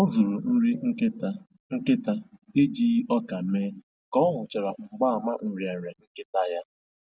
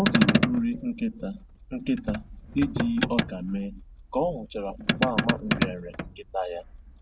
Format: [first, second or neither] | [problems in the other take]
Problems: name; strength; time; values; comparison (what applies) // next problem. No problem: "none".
first | background sound (Motor vehicle (road)); as loud as the speech